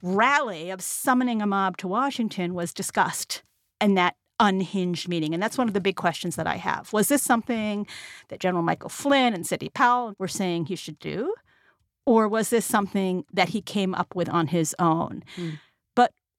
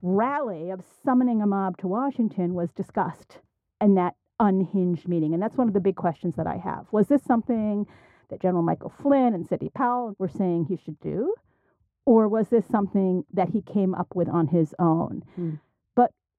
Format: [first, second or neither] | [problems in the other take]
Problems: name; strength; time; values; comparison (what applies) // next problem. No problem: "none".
first | muffled; very; fading above 1.5 kHz